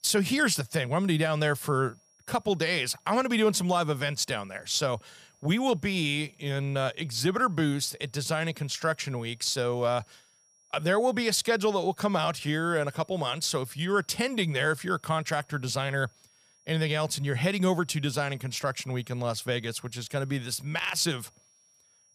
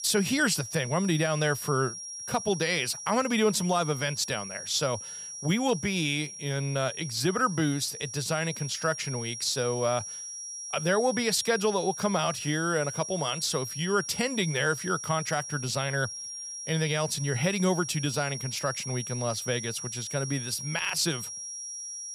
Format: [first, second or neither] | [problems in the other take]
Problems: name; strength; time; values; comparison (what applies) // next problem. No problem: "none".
first | high-pitched whine; loud; throughout; 5.5 kHz, 8 dB below the speech; faint in the first